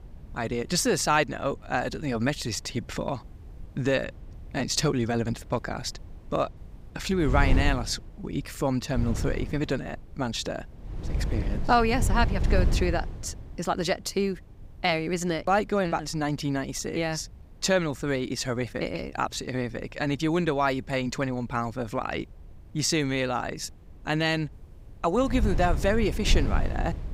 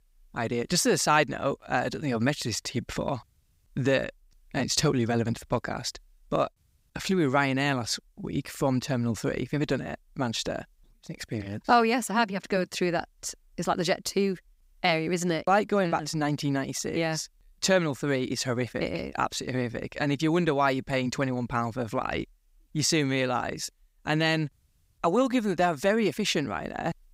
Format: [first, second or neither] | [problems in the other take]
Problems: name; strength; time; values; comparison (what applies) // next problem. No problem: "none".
second | wind noise on the microphone; occasional gusts; 15 dB below the speech